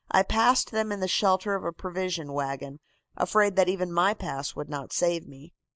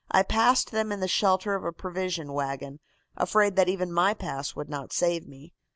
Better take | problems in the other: second | noise reduction (neural mask model Resemble Enhance denoiser)

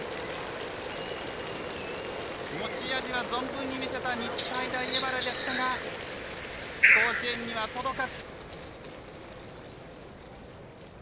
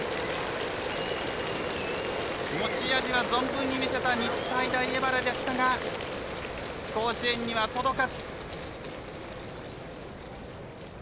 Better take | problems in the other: second | background sound (Bird); 5 dB above the speech

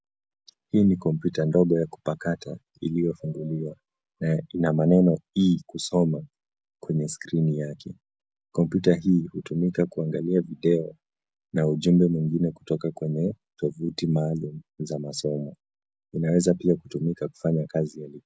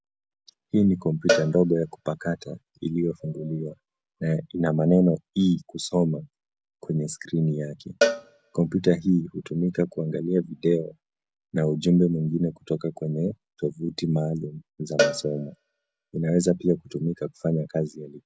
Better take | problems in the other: first | background sound (Cowbell); 6 dB below the speech

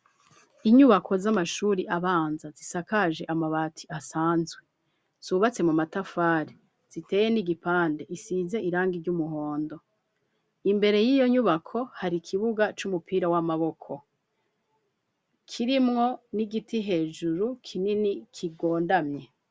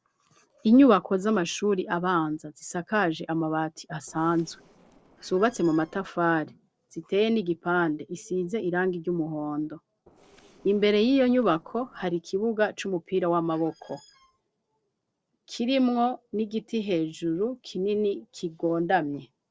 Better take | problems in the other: first | noise reduction (neural separator model SepFormer DNS4)

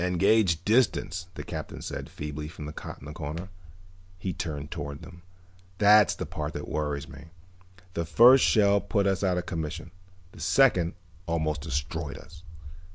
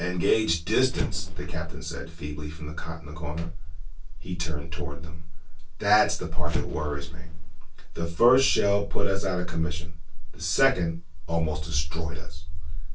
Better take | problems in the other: first | background sound (Explosion); 14 dB below the speech // room echo; dies away in 0.1 s

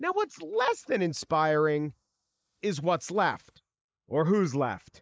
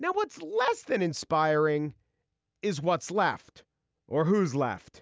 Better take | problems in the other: second | noise reduction (neural mask model Resemble Enhance denoiser)

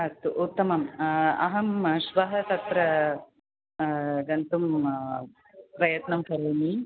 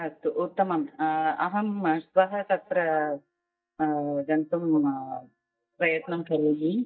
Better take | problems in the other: first | noise reduction (neural mask model DeepFilterNet 3)

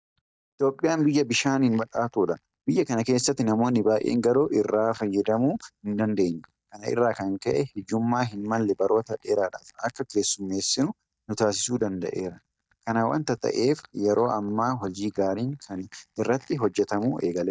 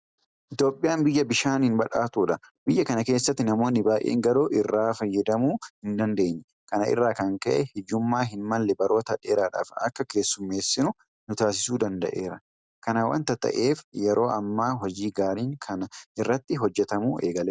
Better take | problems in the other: second | noise reduction (neural mask model DeepFilterNet 3)

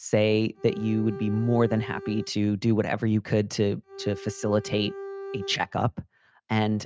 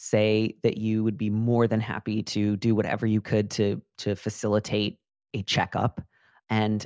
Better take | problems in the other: second | noise reduction (neural mask model RNNoise)

